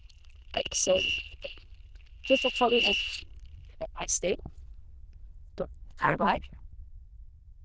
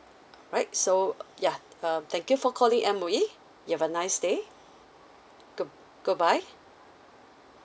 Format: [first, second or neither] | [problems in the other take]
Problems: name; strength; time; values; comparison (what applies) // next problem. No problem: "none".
second | noise reduction (neural diffusion model UNIVERSE++)